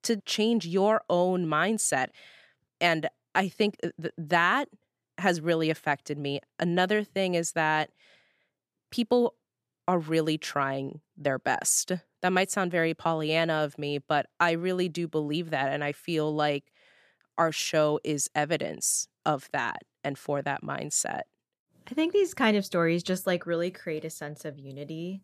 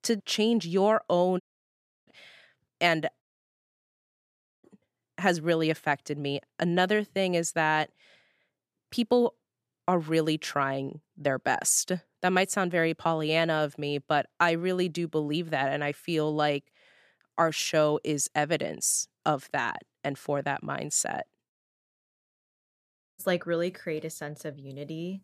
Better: first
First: none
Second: audio cutting out; at 1.5 s for 0.5 s, at 3 s for 1.5 s and at 22 s for 1.5 s

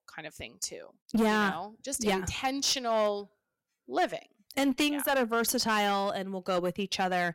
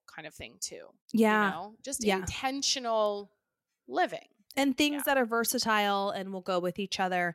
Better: second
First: distortion; slight; 6% of the sound clipped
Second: none

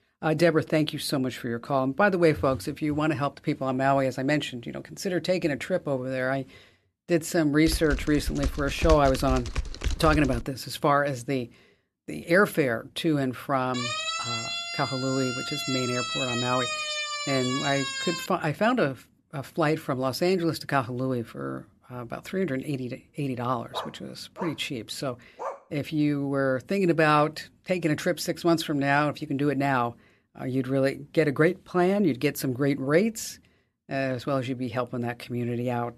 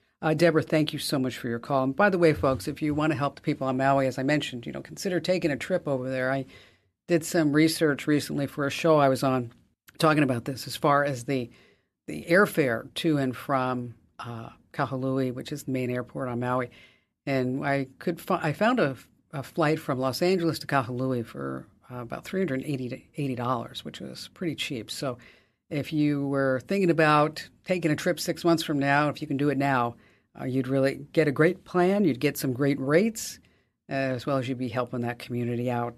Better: second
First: keyboard typing; noticeable; from 7.5 to 10 s; peak 3 dB below the speech // siren; noticeable; from 14 to 18 s; peak 1 dB below the speech // dog barking; faint; from 24 to 26 s; peak 10 dB below the speech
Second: none

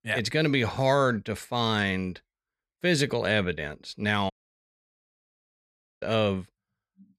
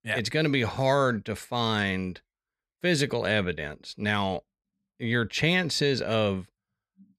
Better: second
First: audio cutting out; at 4.5 s for 1.5 s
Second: none

